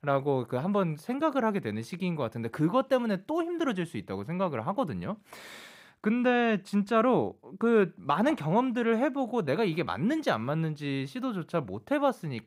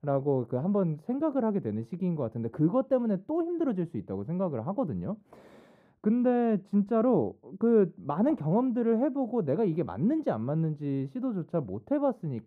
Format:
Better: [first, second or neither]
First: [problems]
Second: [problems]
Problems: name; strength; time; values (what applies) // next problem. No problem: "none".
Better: first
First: none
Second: muffled; very; fading above 1 kHz